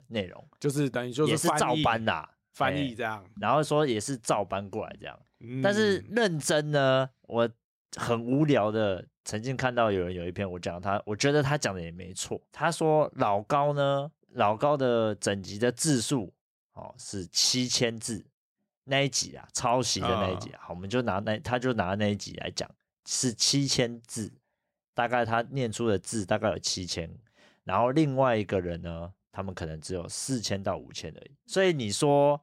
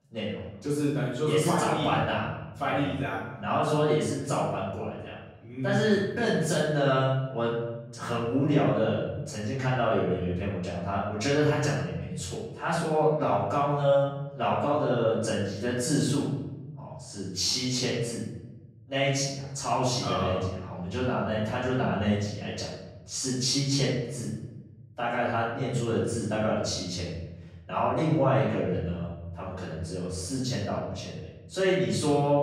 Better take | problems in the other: first | room echo; noticeable; dies away in 1.3 s // off-mic speech; far

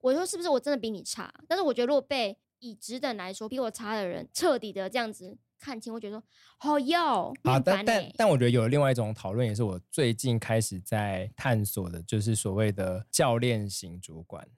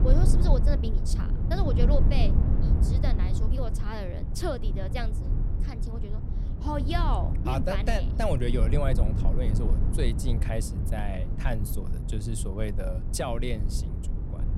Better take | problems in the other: first | low rumble; loud; throughout; 7 dB below the speech

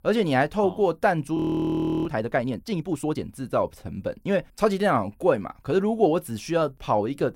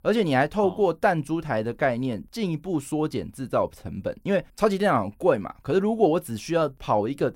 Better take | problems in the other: second | audio freezing; at 1.5 s for 0.5 s

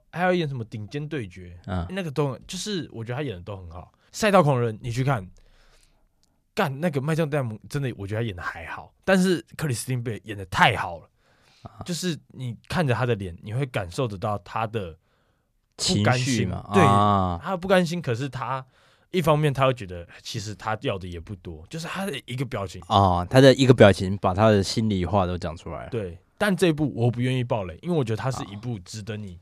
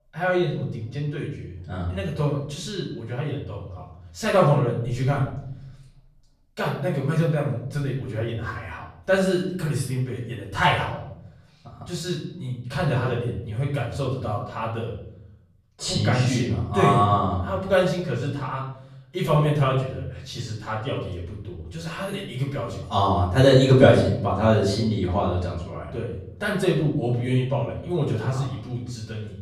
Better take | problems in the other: first | off-mic speech; far // room echo; noticeable; dies away in 0.8 s

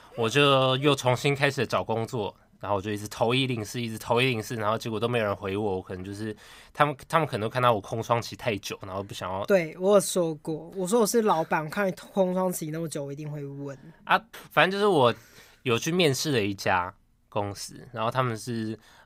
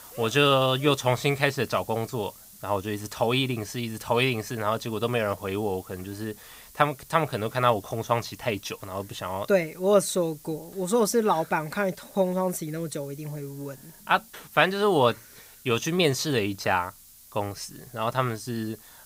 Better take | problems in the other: first | hiss; faint; throughout; 20 dB below the speech

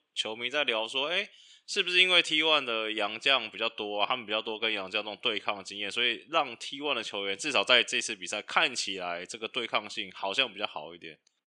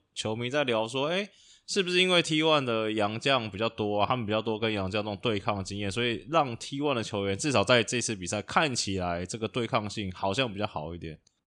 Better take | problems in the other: second | thin; somewhat; fading below 350 Hz

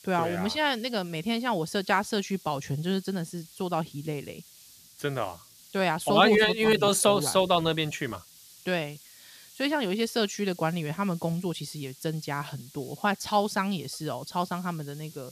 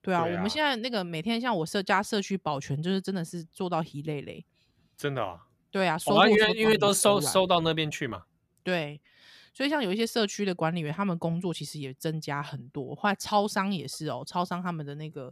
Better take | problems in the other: second | hiss; faint; throughout; 20 dB below the speech

